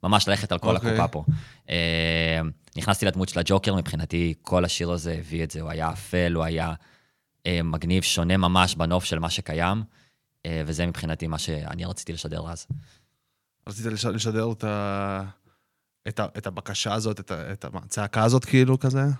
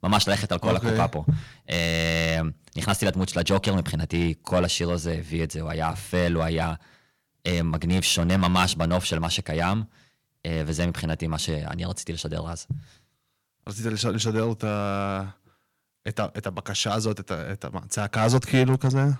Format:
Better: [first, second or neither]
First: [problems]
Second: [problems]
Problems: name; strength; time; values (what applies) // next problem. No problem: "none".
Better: first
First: none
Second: distortion; slight; 2% of the sound clipped